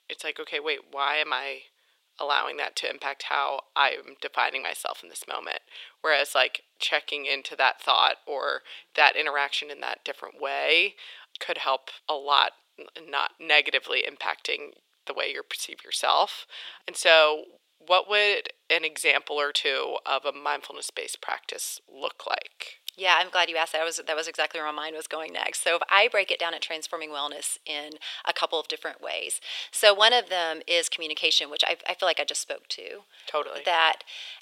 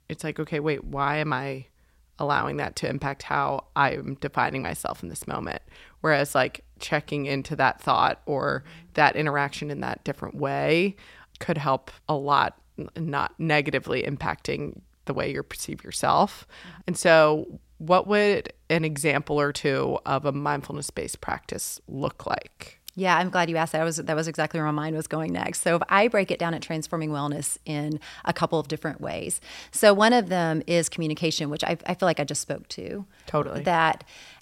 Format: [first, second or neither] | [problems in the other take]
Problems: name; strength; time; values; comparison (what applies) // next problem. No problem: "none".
second | thin; very; fading below 450 Hz